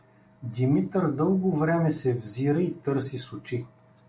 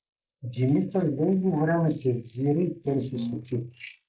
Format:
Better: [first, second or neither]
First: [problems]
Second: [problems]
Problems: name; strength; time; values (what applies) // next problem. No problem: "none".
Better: first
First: none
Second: noise reduction (neural mask model Resemble Enhance denoiser)